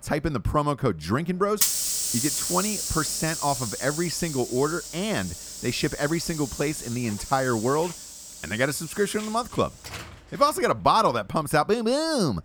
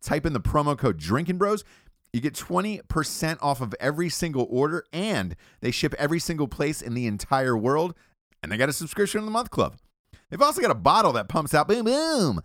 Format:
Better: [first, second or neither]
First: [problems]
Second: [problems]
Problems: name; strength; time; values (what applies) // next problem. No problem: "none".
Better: second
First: hiss; loud; throughout; 4 dB below the speech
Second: none